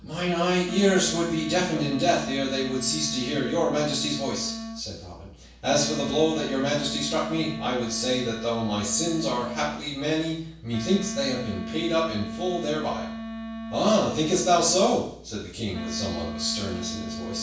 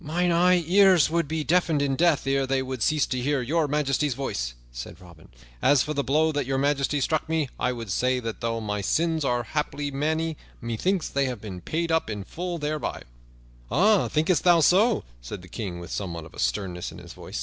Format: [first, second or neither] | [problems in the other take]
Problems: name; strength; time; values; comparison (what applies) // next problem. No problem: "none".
second | background sound (Wind instrument, woodwind instrument); 9 dB below the speech // room echo; dies away in 0.7 s